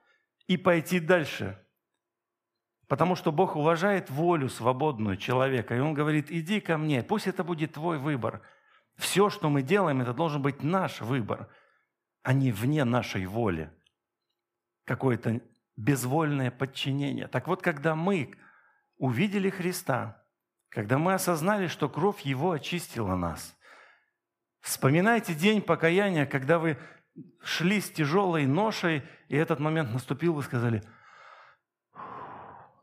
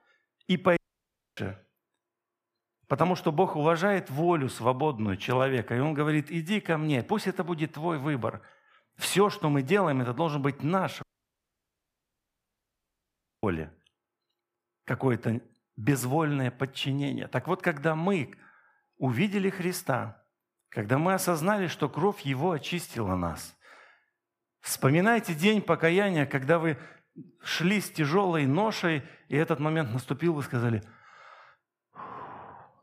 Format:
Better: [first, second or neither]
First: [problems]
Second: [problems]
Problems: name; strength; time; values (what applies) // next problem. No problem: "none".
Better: first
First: none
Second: audio cutting out; at 1 s for 0.5 s and at 11 s for 2.5 s